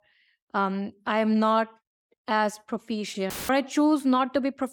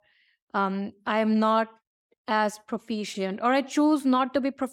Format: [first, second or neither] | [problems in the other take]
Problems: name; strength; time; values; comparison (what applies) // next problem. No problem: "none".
second | audio cutting out; filled with static; at 3.5 s